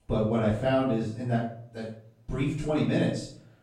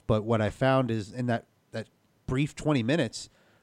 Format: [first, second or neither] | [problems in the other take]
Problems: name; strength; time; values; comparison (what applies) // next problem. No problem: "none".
second | room echo; noticeable; dies away in 0.5 s // off-mic speech; far